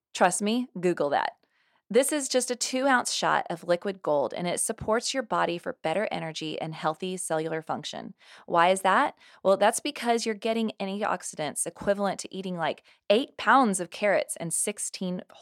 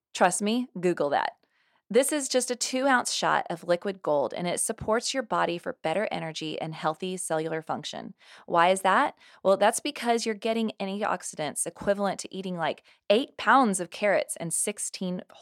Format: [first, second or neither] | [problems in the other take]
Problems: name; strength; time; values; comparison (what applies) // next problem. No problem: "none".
neither | none